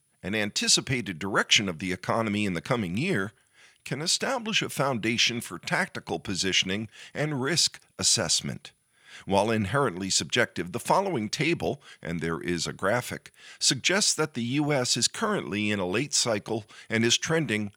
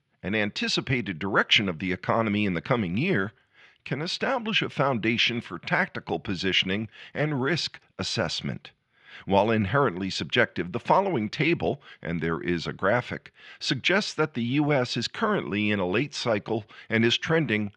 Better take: first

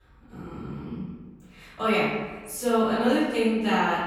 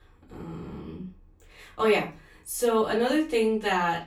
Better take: second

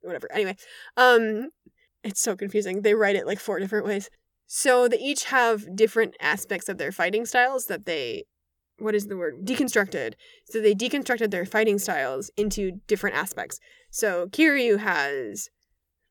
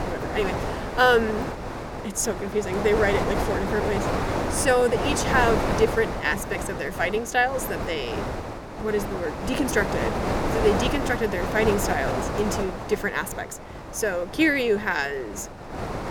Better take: first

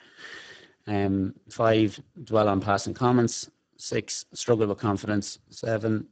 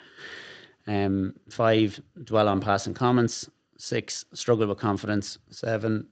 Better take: second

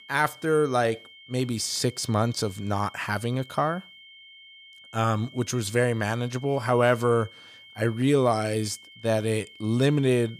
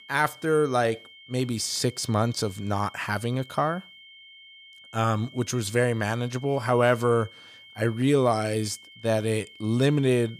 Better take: neither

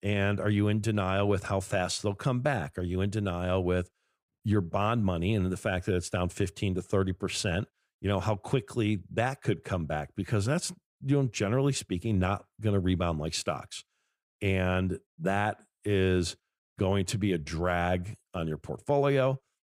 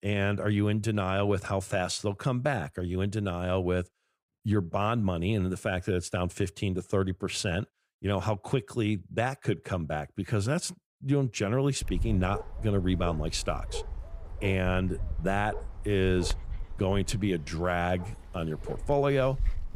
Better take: first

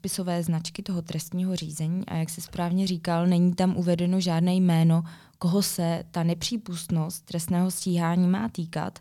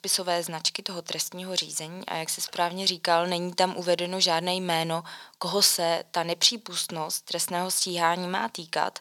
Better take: first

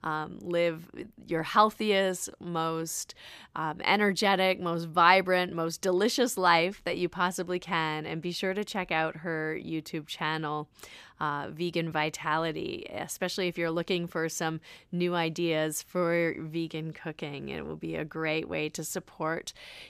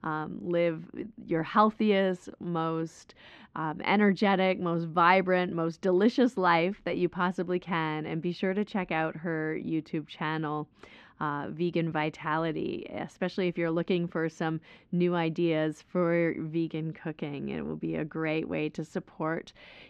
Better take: first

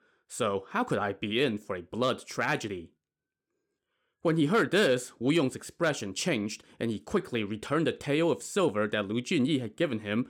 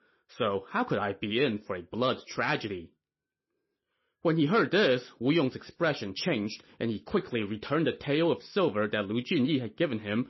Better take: first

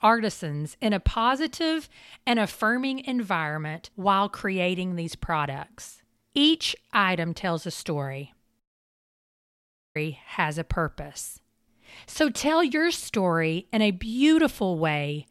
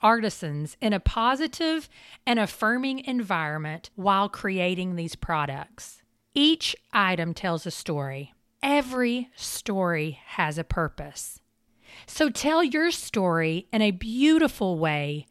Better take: second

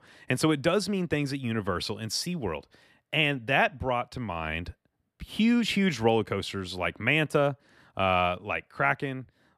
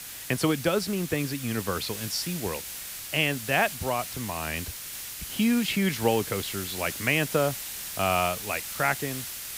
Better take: first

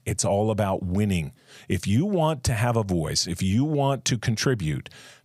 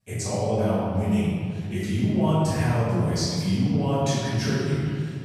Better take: first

